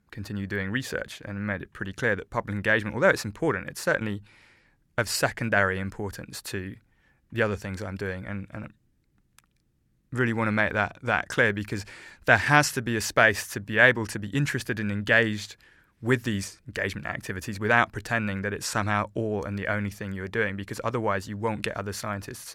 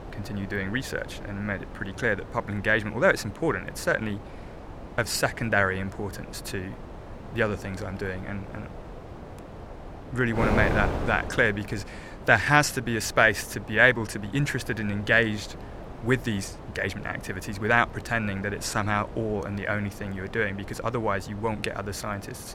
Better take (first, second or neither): first